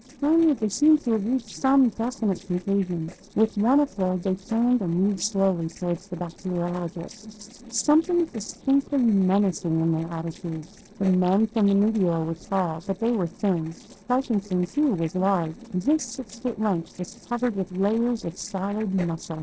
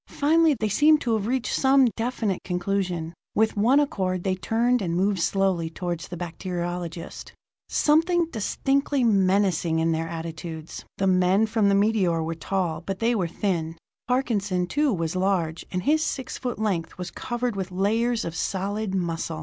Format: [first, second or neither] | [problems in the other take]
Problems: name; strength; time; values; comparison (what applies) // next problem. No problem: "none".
second | noise reduction (neural separator model SepFormer DNS4)